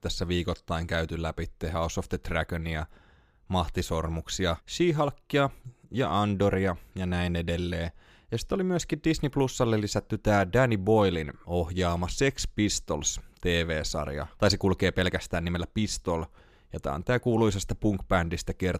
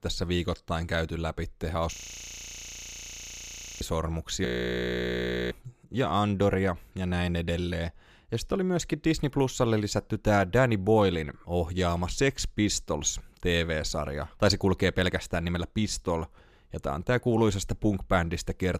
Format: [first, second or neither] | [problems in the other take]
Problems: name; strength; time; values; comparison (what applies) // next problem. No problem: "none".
first | audio freezing; at 2 s for 2 s and at 4.5 s for 1 s